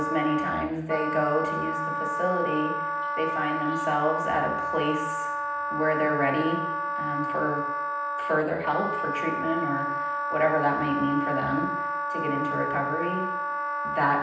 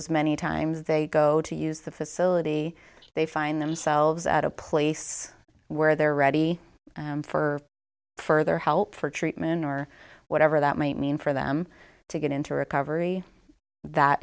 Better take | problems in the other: second | background sound (Wind instrument, woodwind instrument); 1 dB below the speech // room echo; dies away in 0.9 s

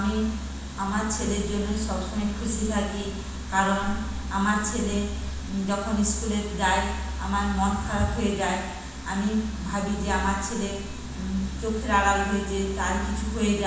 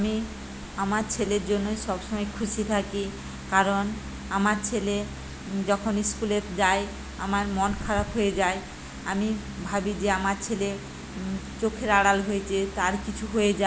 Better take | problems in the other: second | background sound (Rain); 17 dB below the speech // room echo; dies away in 1.1 s

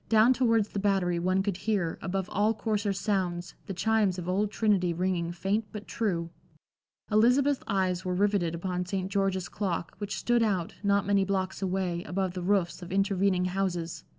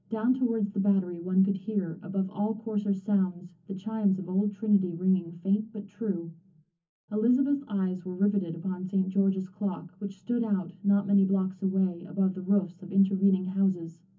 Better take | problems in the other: first | room echo; dies away in 0.3 s

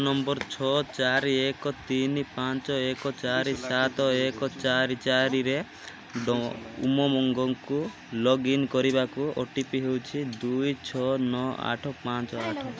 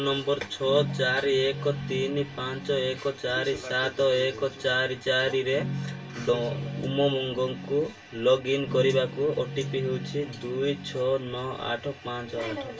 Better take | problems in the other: first | background sound (Guitar); 8 dB below the speech // room echo; dies away in 0.1 s

